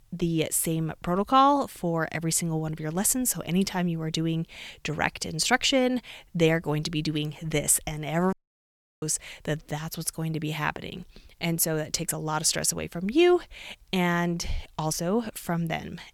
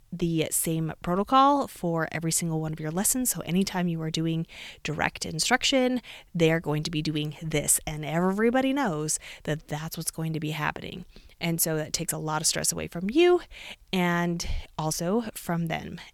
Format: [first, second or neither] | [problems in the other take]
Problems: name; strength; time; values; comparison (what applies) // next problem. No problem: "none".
second | audio cutting out; at 8.5 s for 0.5 s